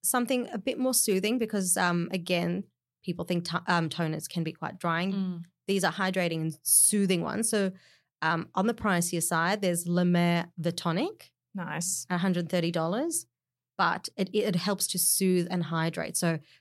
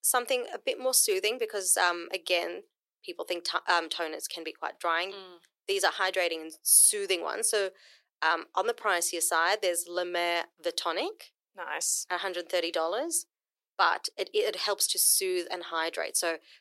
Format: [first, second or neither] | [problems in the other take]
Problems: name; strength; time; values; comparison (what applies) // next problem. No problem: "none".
first | thin; very; fading below 350 Hz